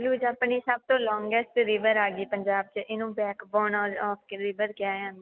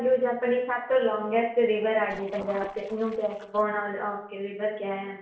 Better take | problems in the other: first | noise reduction (neural separator model SepFormer DNS4)

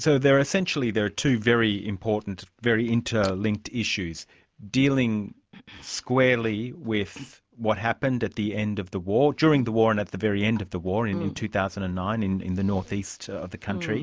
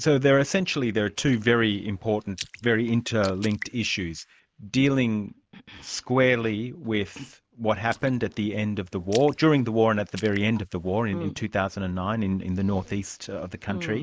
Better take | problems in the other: first | noise reduction (neural mask model Resemble Enhance denoiser)

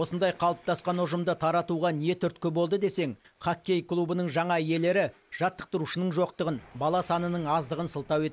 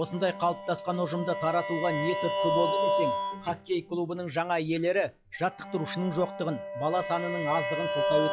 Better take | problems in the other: first | noise reduction (classical method log-MMSE)

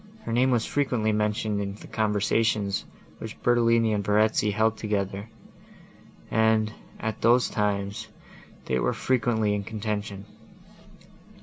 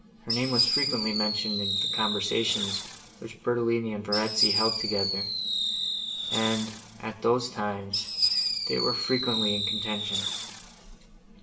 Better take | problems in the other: first | background sound (Fireworks); 1 dB above the speech // room echo; dies away in 0.6 s

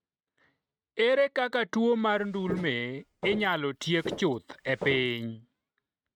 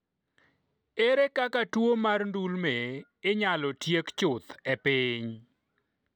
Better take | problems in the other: second | noise reduction (neural mask model RNNoise)

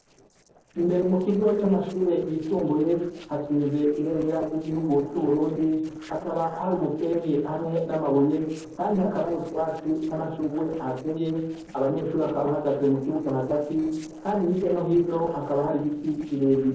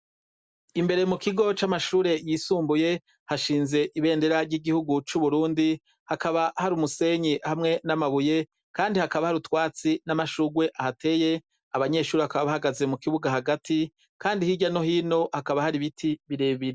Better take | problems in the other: second | noise reduction (neural separator model SepFormer DNS4)

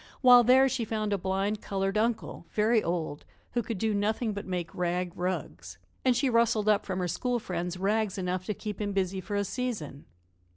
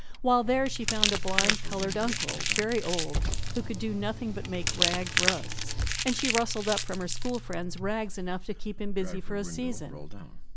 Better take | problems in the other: first | background sound (Crumpling, crinkling + Car); 2 dB above the speech

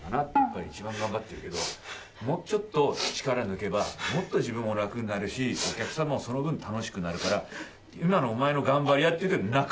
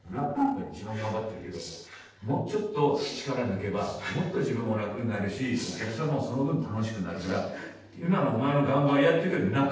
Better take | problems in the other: first | noise reduction (neural separator model SepFormer DNS4)

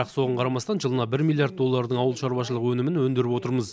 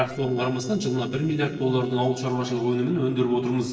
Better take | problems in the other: first | noise reduction (neural separator model SepFormer DNS4)

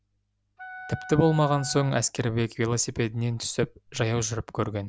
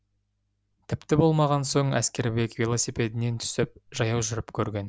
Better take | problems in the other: second | background sound (Wind instrument, woodwind instrument); 15 dB below the speech

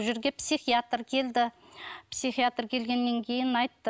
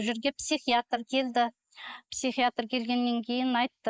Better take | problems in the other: first | noise reduction (neural mask model Resemble Enhance denoiser)

